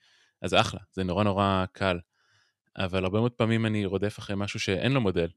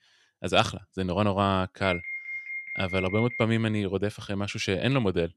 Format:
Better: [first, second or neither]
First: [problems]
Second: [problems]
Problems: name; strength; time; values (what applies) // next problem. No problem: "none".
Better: first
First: none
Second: alarm; noticeable; from 2 to 3.5 s; peak 6 dB below the speech